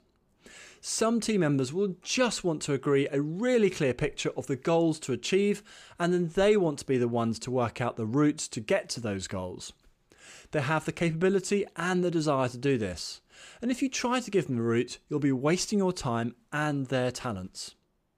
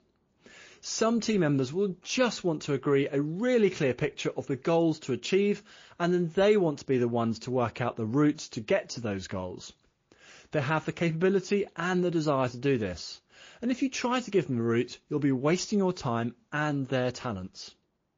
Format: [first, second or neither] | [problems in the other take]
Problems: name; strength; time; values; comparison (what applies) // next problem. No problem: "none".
first | garbled, watery; slightly